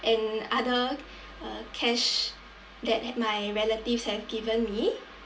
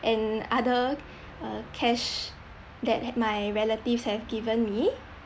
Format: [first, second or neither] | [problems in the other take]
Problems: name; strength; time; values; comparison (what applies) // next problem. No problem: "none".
second | room echo; dies away in 0.2 s